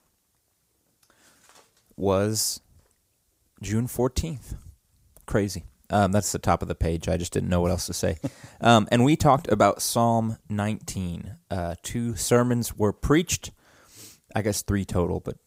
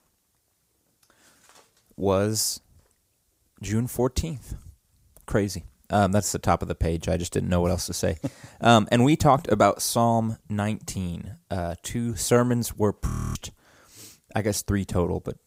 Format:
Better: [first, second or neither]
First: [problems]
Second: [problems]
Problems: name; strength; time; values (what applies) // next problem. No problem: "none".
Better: first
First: none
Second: audio freezing; at 13 s